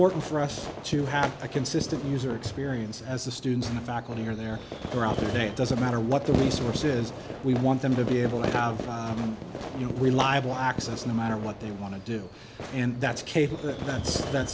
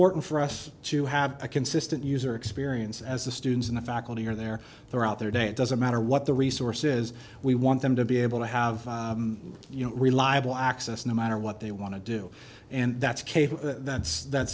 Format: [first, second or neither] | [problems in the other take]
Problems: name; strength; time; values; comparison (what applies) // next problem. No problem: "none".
second | background sound (Fireworks); 7 dB below the speech